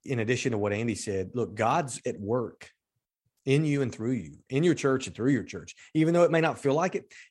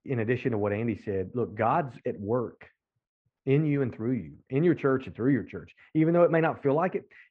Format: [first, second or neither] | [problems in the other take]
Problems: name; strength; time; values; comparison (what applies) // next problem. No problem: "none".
first | muffled; very; fading above 2 kHz